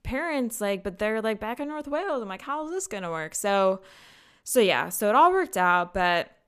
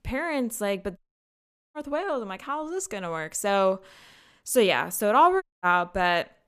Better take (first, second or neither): first